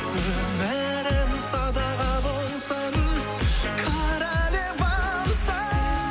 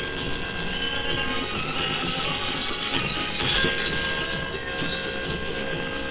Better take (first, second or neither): first